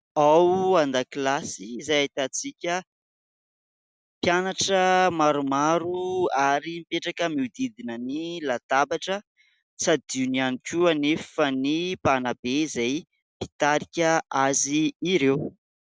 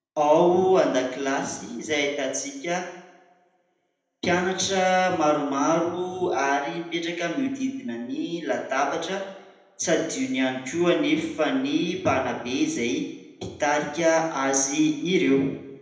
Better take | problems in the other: first | room echo; dies away in 0.8 s

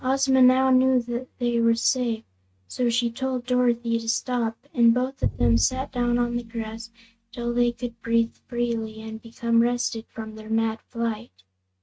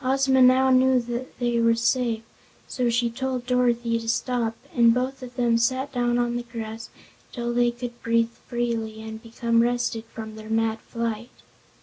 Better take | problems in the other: second | noise reduction (neural mask model RNNoise)

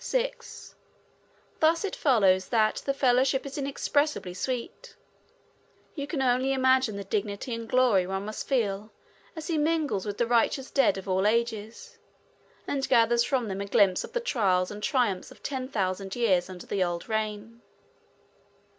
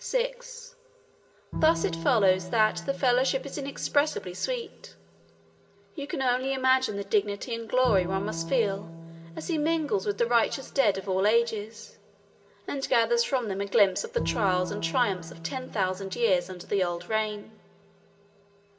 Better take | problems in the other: first | background sound (Bowed string instrument); 13 dB below the speech // room echo; dies away in 1.2 s

